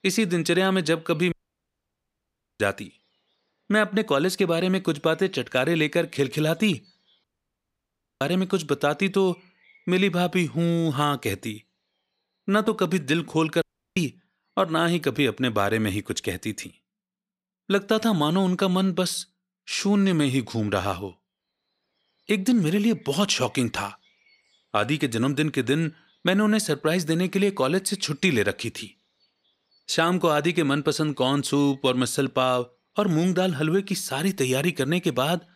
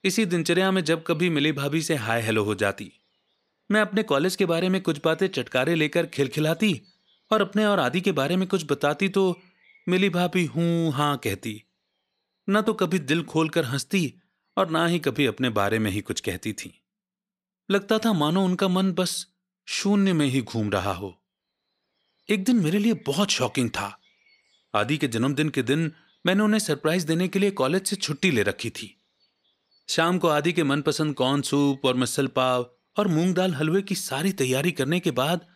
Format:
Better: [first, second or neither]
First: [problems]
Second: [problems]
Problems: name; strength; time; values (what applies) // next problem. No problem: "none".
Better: second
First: audio cutting out; at 1.5 s for 1.5 s, at 7 s for 1 s and at 14 s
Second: none